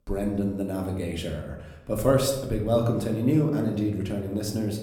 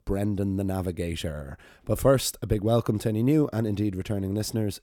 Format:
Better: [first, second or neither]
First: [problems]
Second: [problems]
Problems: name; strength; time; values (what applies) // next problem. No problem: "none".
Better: second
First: room echo; slight; dies away in 0.7 s // off-mic speech; somewhat distant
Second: none